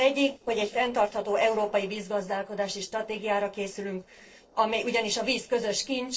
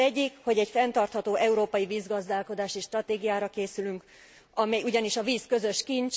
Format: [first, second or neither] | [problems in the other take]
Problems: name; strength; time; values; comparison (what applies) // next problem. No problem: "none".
second | noise reduction (neural separator model SepFormer DNS4)